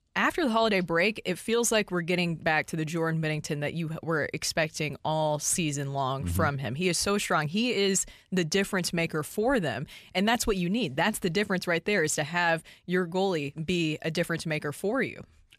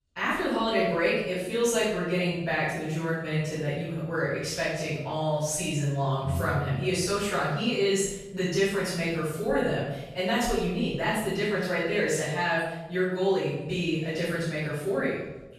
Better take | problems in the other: first | off-mic speech; far // room echo; strong; dies away in 0.9 s

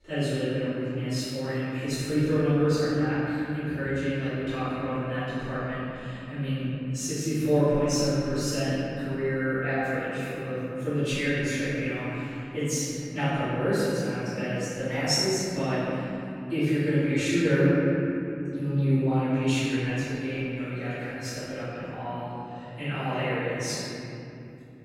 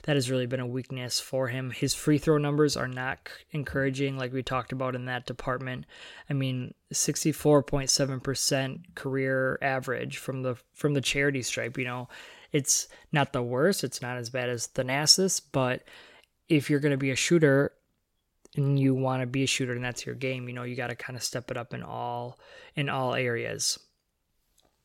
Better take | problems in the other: second | off-mic speech; far // room echo; strong; dies away in 3 s

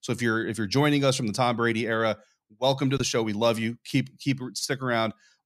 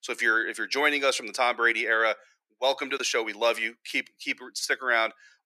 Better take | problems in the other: first | thin; very; fading below 400 Hz

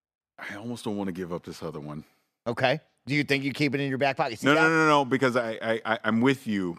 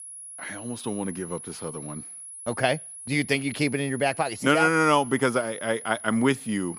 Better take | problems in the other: first | high-pitched whine; noticeable; throughout; 10.5 kHz, 15 dB below the speech

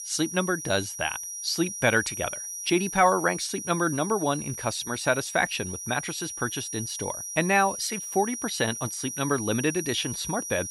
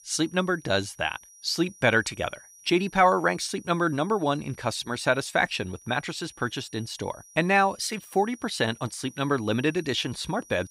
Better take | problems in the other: second | high-pitched whine; loud; throughout; 6 kHz, 6 dB below the speech; faint in the second

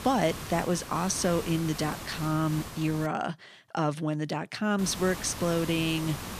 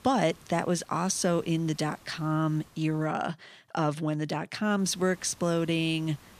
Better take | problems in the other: second | hiss; loud; until 3 s and from 5 s on; 10 dB below the speech; faint in the second

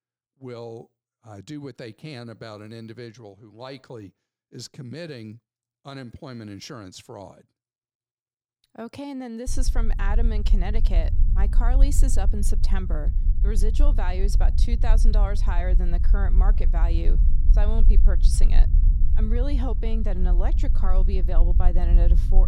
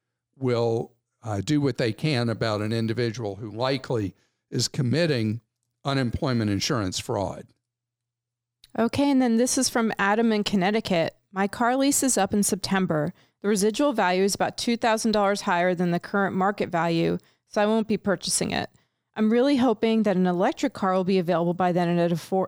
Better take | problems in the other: second | low rumble; loud; from 9.5 s on; 9 dB below the speech

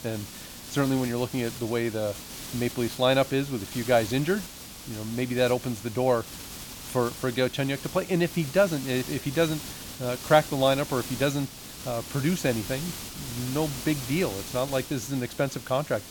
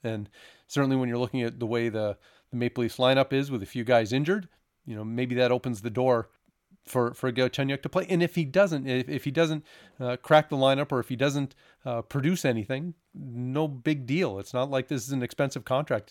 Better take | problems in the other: second | hiss; noticeable; throughout; 10 dB below the speech

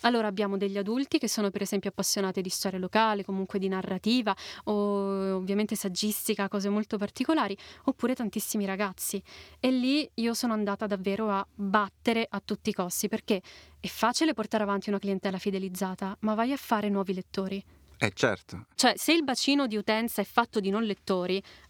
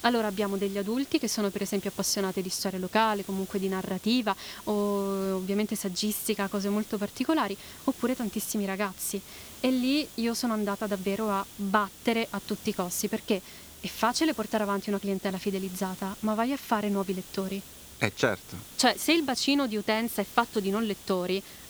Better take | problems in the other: first | hiss; noticeable; throughout; 15 dB below the speech

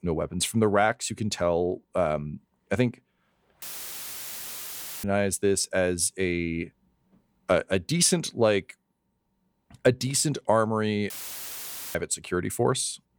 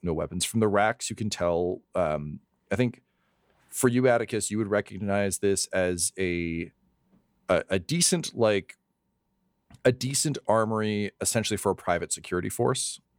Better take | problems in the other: second | audio cutting out; filled with static; at 3.5 s for 1.5 s and at 11 s for 1 s

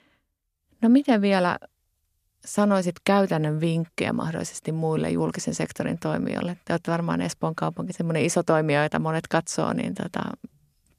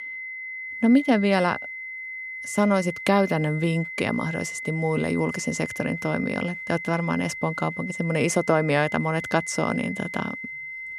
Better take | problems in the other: first | high-pitched whine; loud; throughout; 2 kHz, 8 dB below the speech

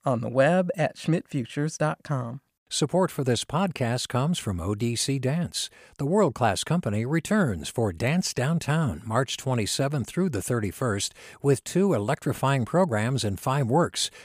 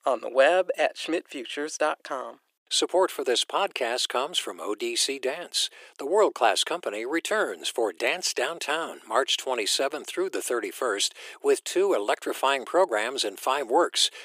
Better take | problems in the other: first | thin; very; fading below 350 Hz

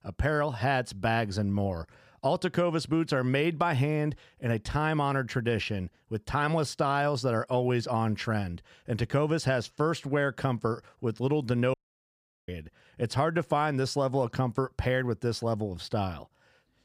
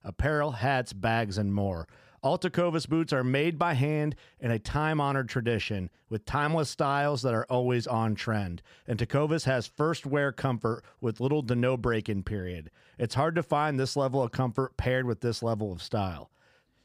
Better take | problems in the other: second | audio cutting out; at 12 s for 0.5 s

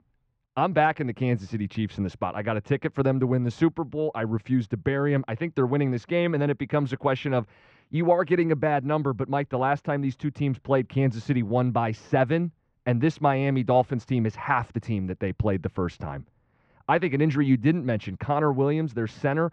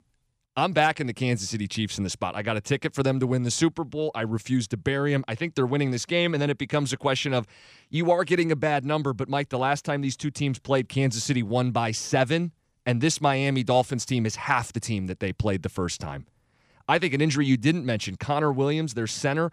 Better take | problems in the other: second | muffled; very; fading above 1.5 kHz

